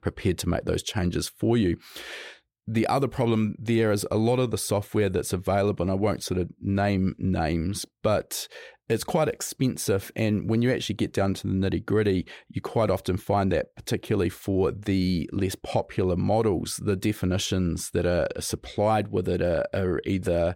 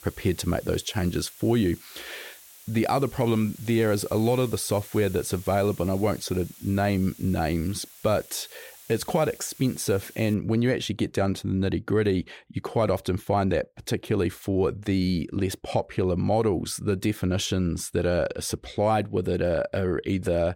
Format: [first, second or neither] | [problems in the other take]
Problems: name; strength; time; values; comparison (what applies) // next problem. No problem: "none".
first | hiss; noticeable; until 10 s; 20 dB below the speech